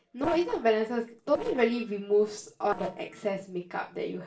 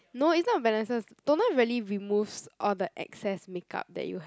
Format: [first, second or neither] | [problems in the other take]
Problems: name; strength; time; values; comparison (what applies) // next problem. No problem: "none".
second | noise reduction (neural separator model SepFormer DNS4)